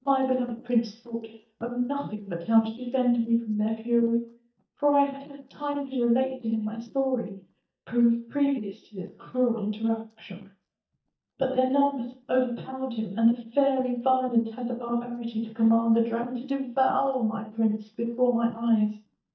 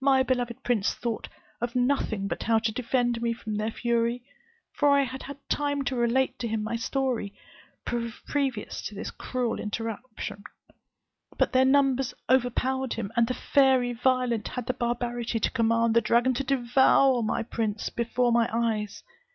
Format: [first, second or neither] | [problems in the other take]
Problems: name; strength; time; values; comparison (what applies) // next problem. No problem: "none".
second | noise reduction (neural mask model DeepFilterNet 3)